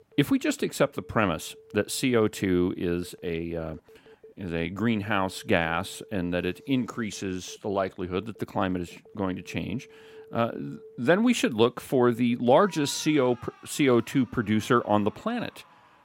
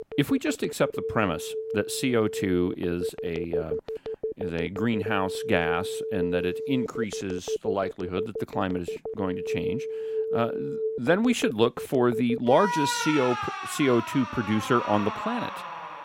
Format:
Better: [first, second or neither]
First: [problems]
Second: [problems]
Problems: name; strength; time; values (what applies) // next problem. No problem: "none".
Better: first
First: alarms or sirens; faint; throughout; 25 dB below the speech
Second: alarms or sirens; loud; throughout; 5 dB below the speech